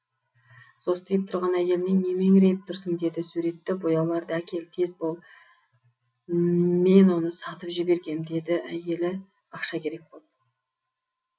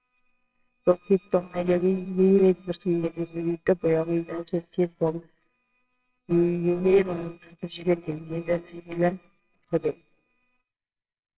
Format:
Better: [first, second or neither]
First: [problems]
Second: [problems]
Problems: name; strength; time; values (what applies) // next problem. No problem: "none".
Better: first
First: none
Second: noise reduction (neural separator model SepFormer WHAMR!)